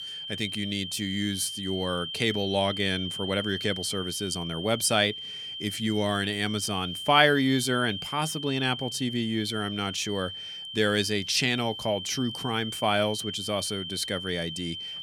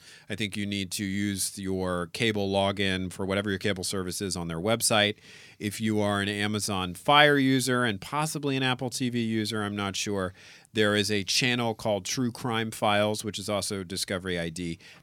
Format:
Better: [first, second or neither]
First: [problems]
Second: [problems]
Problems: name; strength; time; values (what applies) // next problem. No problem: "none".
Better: second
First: high-pitched whine; loud; throughout; 3 kHz, 7 dB below the speech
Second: none